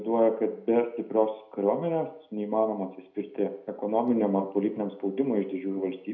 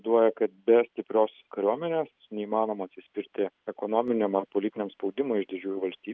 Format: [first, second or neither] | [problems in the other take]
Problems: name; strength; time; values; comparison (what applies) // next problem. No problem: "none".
second | room echo; dies away in 0.5 s